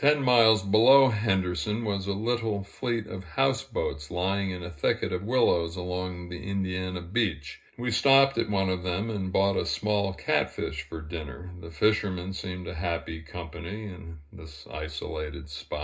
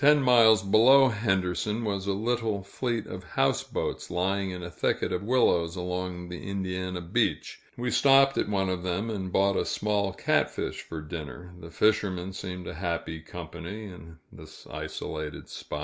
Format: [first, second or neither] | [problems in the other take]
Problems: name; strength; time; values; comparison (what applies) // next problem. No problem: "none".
second | room echo; dies away in 0.2 s